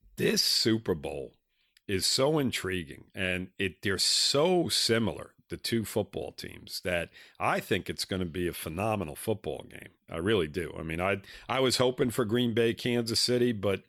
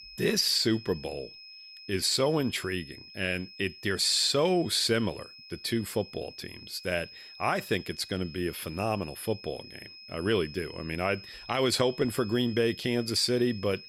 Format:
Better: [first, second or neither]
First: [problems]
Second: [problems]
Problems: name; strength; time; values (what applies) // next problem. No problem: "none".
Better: first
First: none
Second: high-pitched whine; noticeable; throughout; 5 kHz, 15 dB below the speech